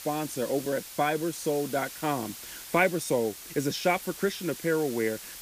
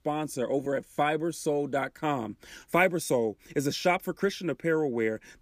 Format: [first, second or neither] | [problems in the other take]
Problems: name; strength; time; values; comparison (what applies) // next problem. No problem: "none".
second | hiss; noticeable; throughout; 10 dB below the speech